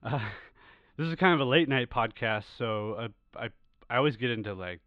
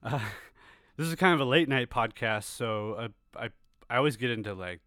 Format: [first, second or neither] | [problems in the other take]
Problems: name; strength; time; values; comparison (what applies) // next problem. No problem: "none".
second | muffled; slightly; fading above 3.5 kHz